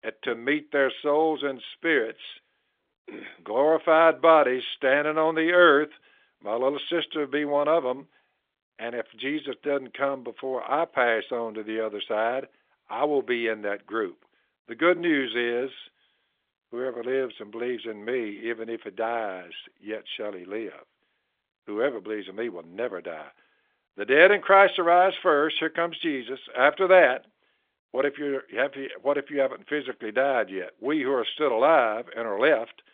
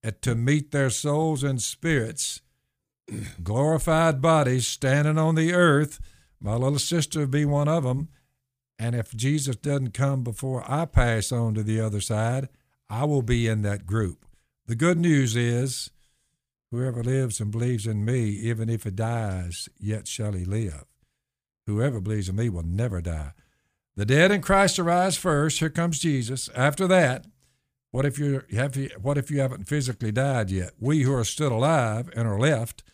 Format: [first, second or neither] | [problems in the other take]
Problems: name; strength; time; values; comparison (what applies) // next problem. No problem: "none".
second | phone-call audio; nothing above 3.5 kHz